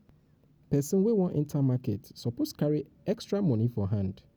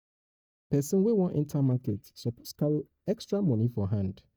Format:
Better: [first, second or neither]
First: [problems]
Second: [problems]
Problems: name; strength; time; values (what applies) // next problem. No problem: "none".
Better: first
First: none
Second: noise reduction (neural mask model DeepFilterNet 3)